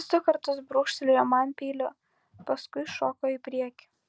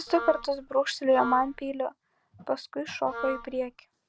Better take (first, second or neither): first